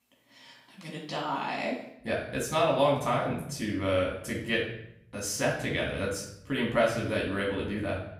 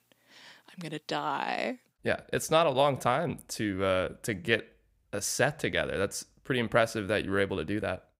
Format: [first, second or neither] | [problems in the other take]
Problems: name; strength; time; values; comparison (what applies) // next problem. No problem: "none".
second | off-mic speech; far // room echo; noticeable; dies away in 0.7 s